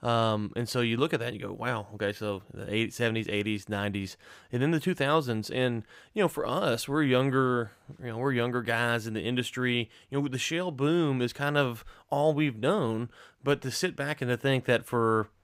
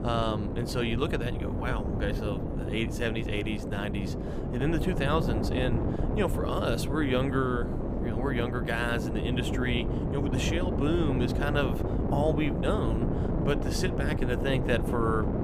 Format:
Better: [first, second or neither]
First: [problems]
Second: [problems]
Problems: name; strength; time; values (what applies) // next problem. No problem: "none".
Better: first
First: none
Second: wind noise on the microphone; heavy; 4 dB below the speech